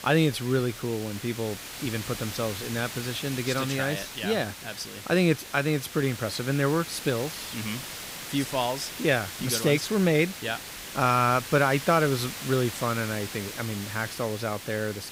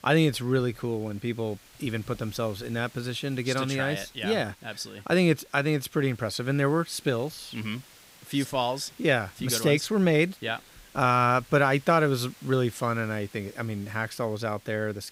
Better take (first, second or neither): second